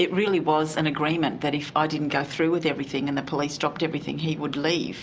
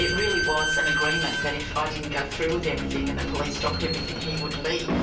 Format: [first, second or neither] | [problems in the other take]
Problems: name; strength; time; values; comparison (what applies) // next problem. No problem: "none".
first | background sound (Squeak / Slam); 1 dB above the speech // room echo; dies away in 0.3 s